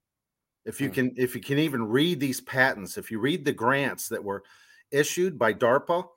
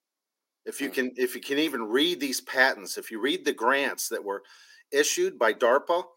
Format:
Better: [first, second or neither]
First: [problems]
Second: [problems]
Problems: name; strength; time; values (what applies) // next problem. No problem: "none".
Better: first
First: none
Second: thin; very slightly; fading below 300 Hz